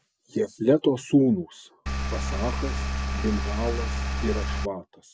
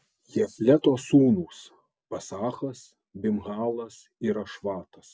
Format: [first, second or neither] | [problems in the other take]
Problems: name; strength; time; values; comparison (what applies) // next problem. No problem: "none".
second | background sound (Engine); as loud as the speech